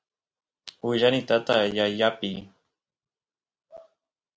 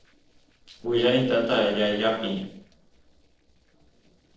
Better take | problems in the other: first | noise reduction (neural separator model SepFormer DNS4)

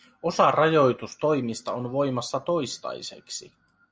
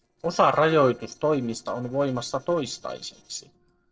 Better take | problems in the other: first | noise reduction (neural separator model SepFormer DNS4)

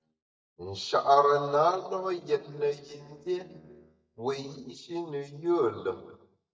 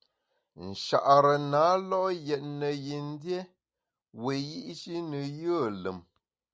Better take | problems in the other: second | noise reduction (neural mask model DeepFilterNet 3)

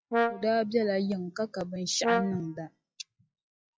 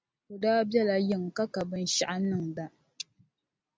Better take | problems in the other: second | noise reduction (classical method log-MMSE)

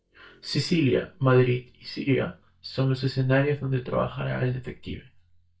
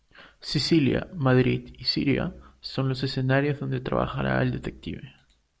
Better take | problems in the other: second | noise reduction (neural mask model DeepFilterNet 3)

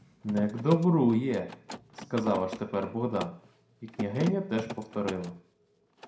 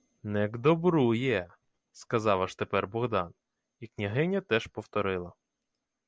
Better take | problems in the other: second | background sound (Mechanisms); 12 dB below the speech // room echo; dies away in 0.4 s

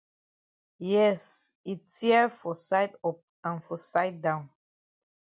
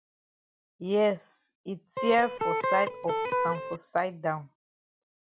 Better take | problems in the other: first | background sound (Electric guitar); 1 dB above the speech

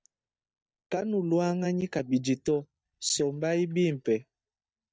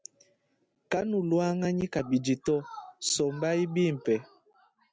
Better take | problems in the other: second | noise reduction (neural mask model DeepFilterNet 3)

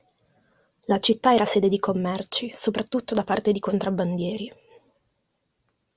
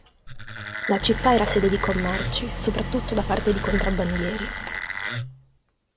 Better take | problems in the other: first | background sound (Idling + Wood); 4 dB below the speech

